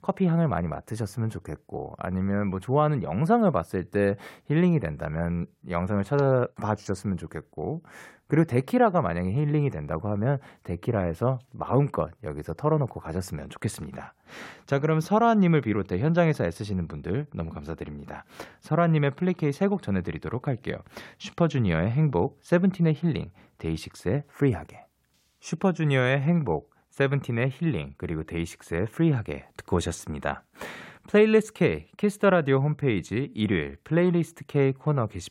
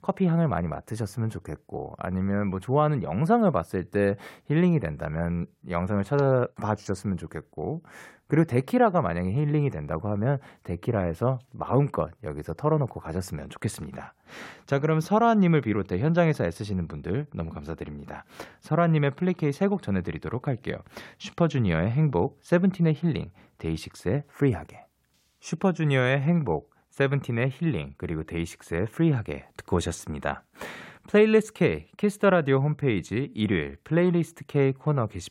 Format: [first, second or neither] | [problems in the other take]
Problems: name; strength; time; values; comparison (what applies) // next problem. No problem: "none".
neither | none